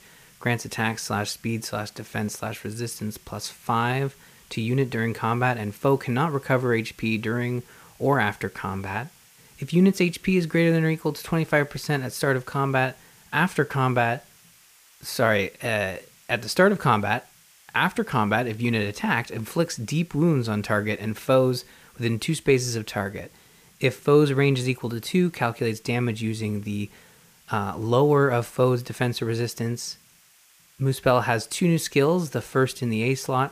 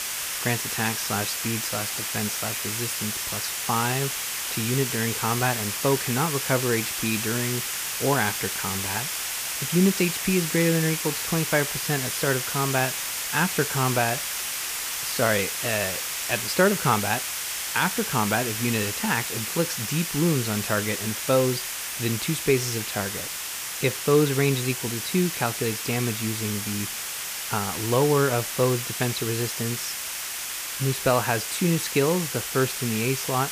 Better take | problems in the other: first | hiss; loud; throughout; 2 dB below the speech; faint in the first

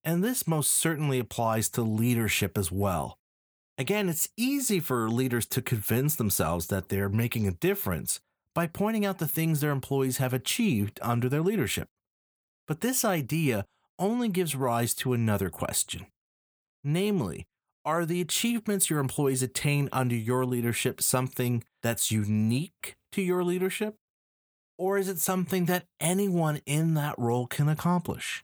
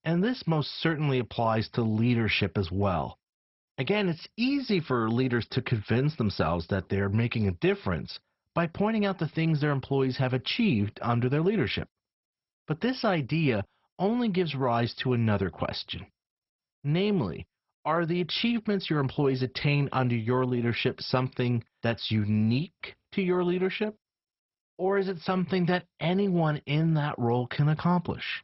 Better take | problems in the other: first | garbled, watery; badly; nothing above 5.5 kHz

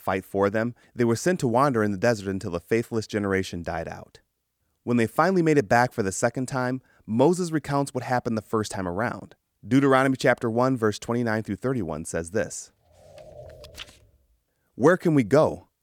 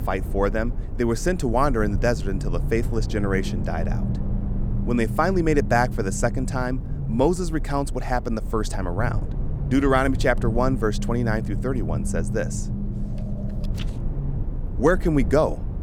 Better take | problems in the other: first | low rumble; noticeable; throughout; 15 dB below the speech

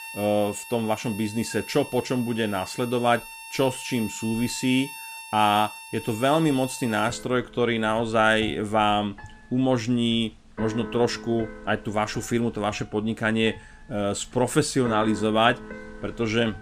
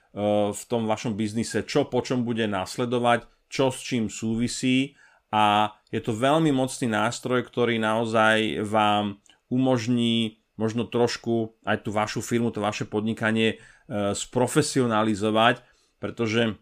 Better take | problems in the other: second | background music; noticeable; throughout; 15 dB below the speech

